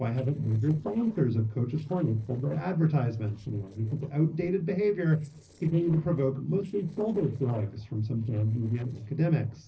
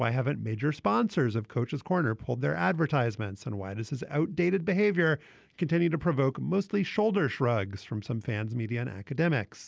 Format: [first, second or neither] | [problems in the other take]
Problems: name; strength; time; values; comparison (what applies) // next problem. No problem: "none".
second | noise reduction (neural separator model SepFormer DNS4)